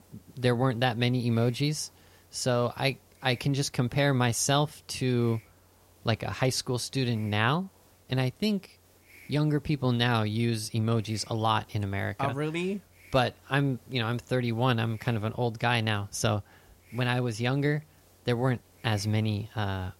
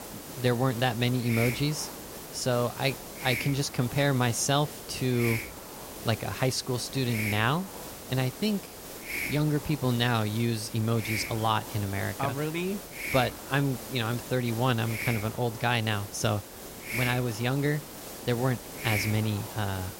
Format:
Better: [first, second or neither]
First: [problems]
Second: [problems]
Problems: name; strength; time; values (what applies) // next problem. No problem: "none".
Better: first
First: hiss; faint; throughout; 30 dB below the speech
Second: hiss; loud; throughout; 8 dB below the speech